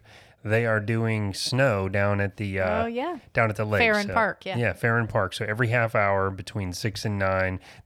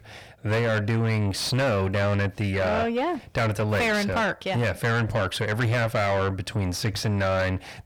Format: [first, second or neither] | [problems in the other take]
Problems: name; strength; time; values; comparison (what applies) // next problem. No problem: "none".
first | distortion; heavy; 7 dB below the speech